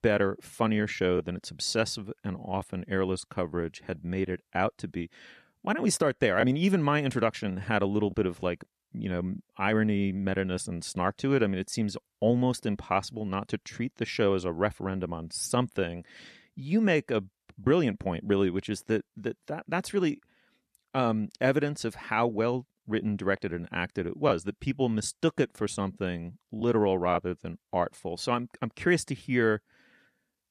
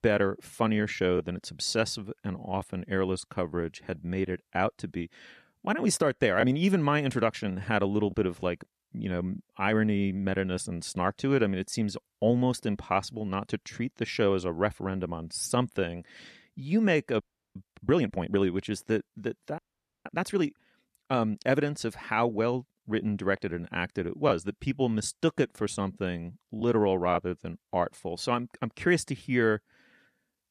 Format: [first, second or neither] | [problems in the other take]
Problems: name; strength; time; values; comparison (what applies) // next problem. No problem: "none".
first | audio freezing; at 17 s and at 20 s